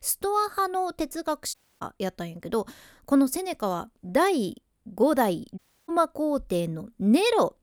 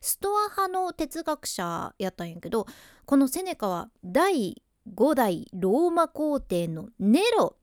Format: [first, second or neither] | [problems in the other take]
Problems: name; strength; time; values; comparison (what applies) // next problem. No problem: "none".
second | audio cutting out; at 1.5 s and at 5.5 s